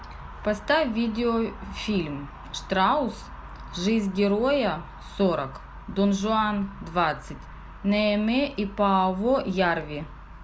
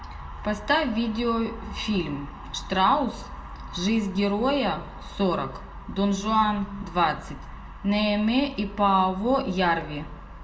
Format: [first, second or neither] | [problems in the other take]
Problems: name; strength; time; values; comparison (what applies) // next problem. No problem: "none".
first | room echo; dies away in 1 s